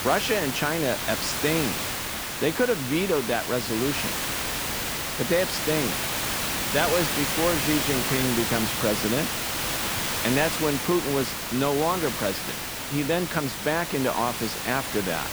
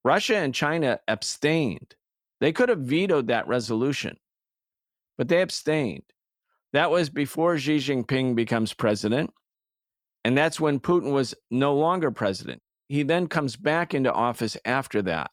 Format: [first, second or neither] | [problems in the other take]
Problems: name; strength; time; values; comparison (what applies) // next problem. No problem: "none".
second | hiss; loud; throughout; 1 dB below the speech